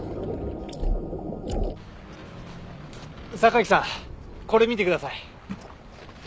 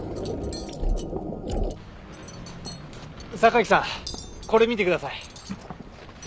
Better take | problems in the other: first | background sound (Cutlery, silverware); 19 dB below the speech

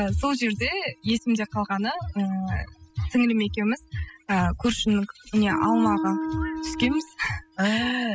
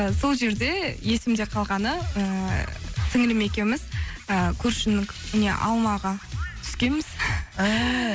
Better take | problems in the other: second | noise reduction (classical method spectral subtraction)

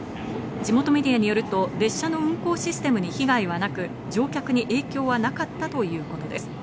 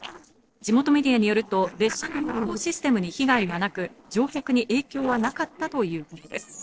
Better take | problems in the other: first | noise reduction (neural separator model SepFormer DNS4)

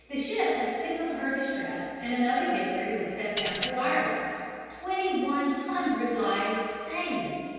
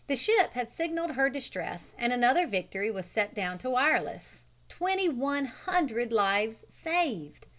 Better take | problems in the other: second | background sound (Tambourine); 3 dB below the speech // room echo; dies away in 2.1 s

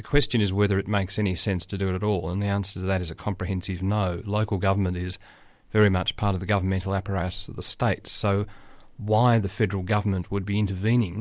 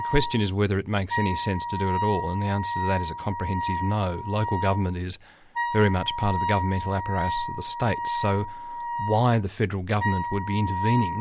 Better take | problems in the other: first | background sound (Wind instrument, woodwind instrument); 5 dB below the speech

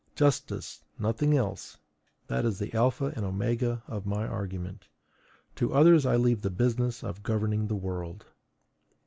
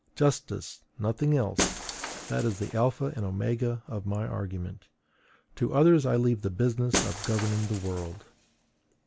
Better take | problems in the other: first | background sound (Shatter); 10 dB below the speech

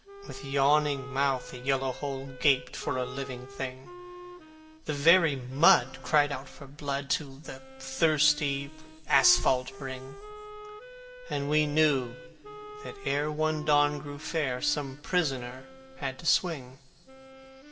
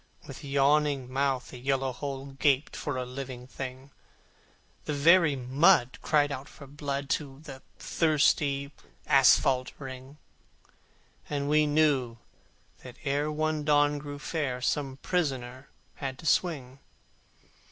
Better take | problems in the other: second | background sound (Wind instrument, woodwind instrument); 16 dB below the speech // room echo; dies away in 1.4 s

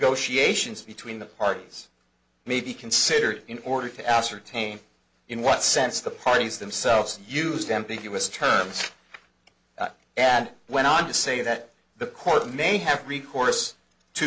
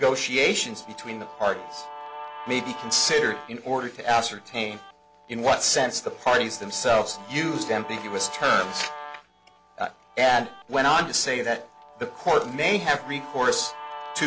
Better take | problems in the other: first | background sound (Guitar); 15 dB below the speech

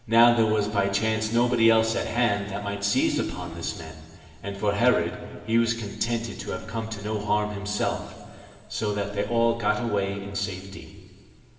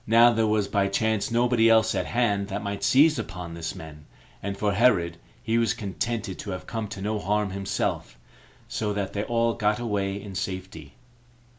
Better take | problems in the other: second | room echo; dies away in 2 s

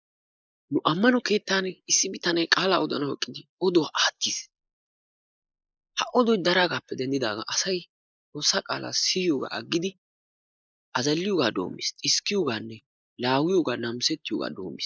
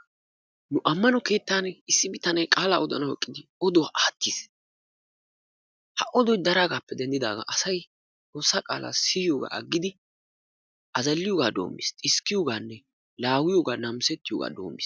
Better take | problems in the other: second | noise reduction (neural mask model Resemble Enhance denoiser)

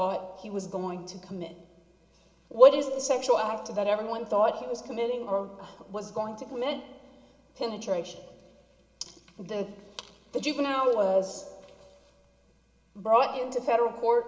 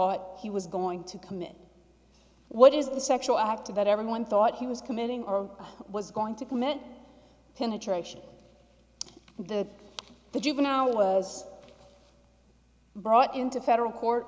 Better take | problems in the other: second | room echo; dies away in 1 s

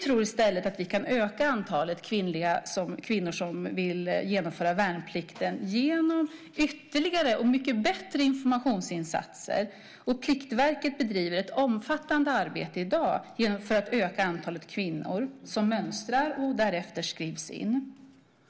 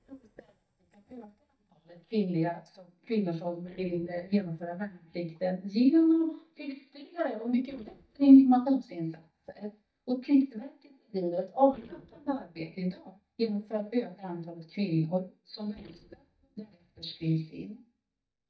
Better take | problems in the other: first | noise reduction (neural mask model DeepFilterNet 3)

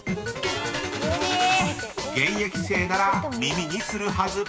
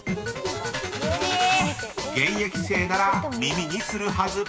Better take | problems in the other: second | background sound (Electric guitar); 12 dB below the speech

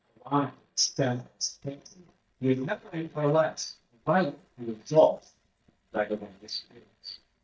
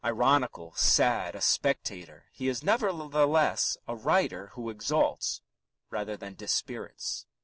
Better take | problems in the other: second | noise reduction (neural mask model DeepFilterNet 3)

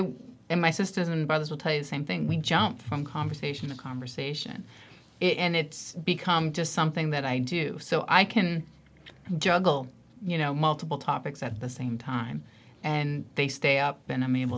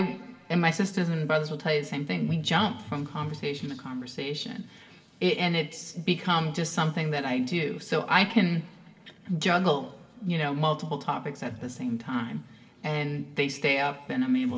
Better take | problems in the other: first | room echo; dies away in 2 s

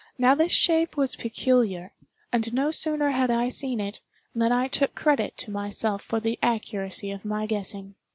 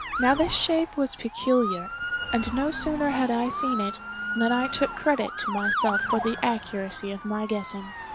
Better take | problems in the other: first | background sound (Motor vehicle (road) / Siren); 5 dB below the speech

